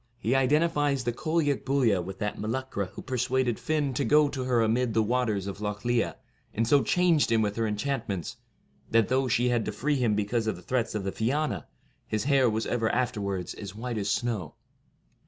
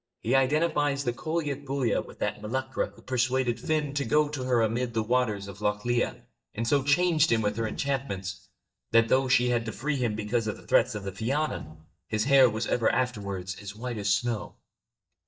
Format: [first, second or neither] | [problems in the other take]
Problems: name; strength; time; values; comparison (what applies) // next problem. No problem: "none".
first | noise reduction (neural mask model DeepFilterNet 3)